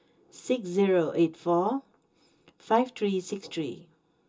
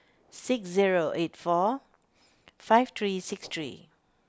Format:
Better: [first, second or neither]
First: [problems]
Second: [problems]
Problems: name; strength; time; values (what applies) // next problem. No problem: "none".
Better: second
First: room echo; dies away in 0.2 s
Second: none